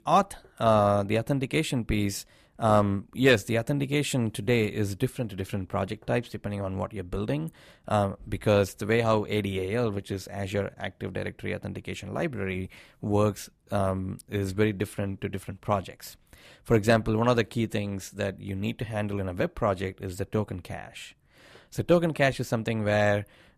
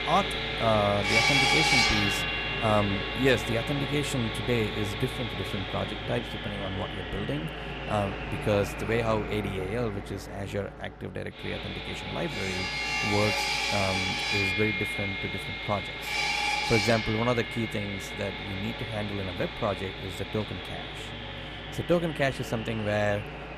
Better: first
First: none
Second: machinery noise; very loud; throughout; 1 dB above the speech

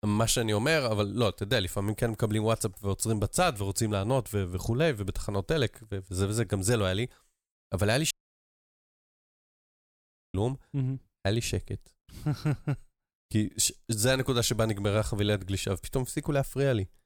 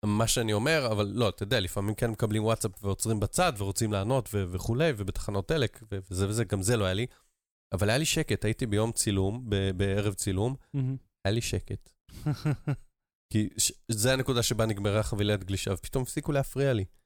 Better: second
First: audio cutting out; at 8 s for 2 s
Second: none

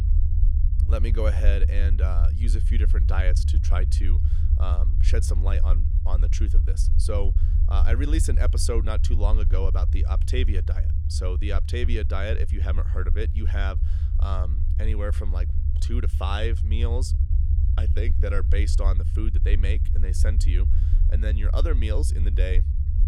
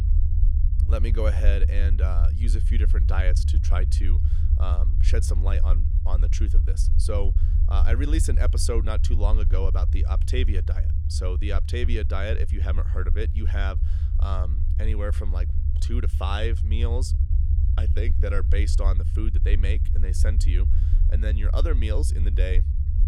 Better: neither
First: low rumble; loud; throughout; 8 dB below the speech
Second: low rumble; loud; throughout; 8 dB below the speech

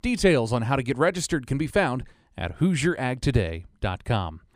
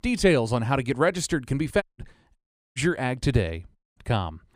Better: first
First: none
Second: audio cutting out; at 2 s, at 2.5 s and at 4 s

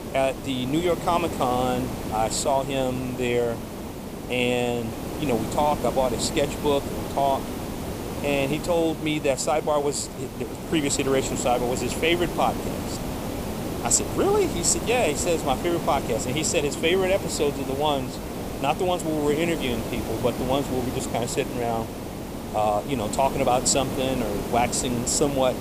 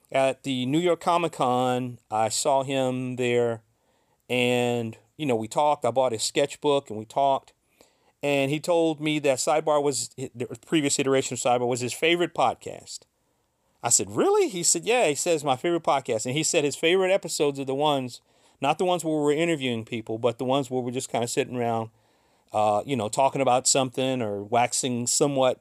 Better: second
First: hiss; loud; throughout; 7 dB below the speech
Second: none

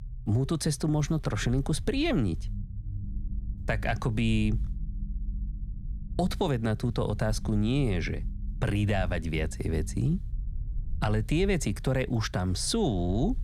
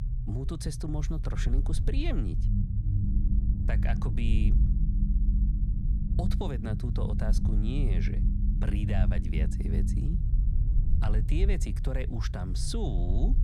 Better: first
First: low rumble; faint; throughout; 20 dB below the speech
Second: low rumble; loud; throughout; 5 dB below the speech

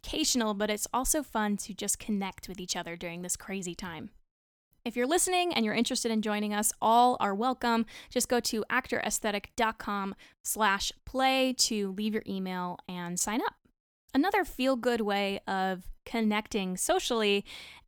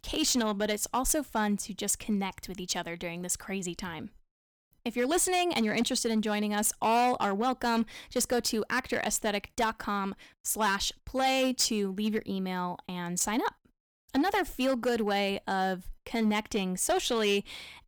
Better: first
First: none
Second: distortion; slight; 5% of the sound clipped

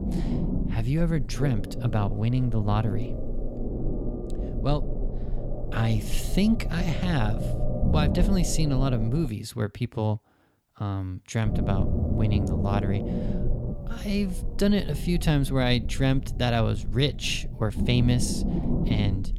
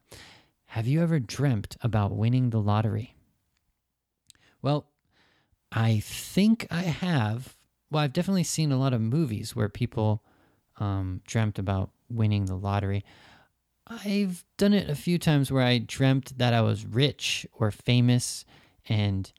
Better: second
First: low rumble; loud; until 9.5 s and from 11 s on; 7 dB below the speech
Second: none

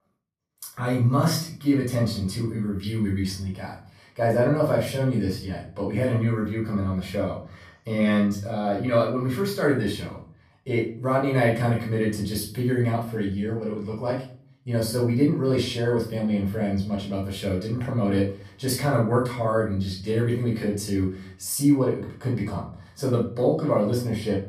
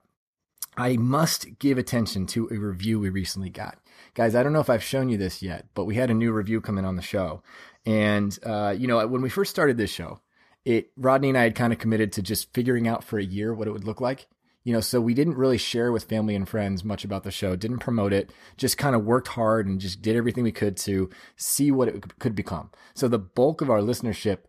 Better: second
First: off-mic speech; far // room echo; slight; dies away in 0.4 s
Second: none

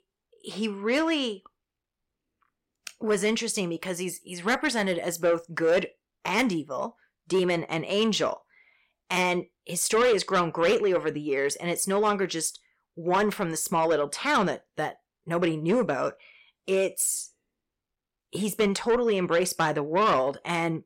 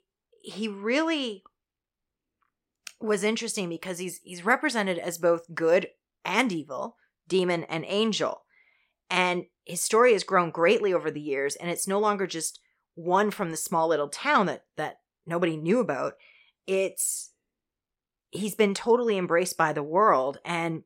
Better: second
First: distortion; slight; 10 dB below the speech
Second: none

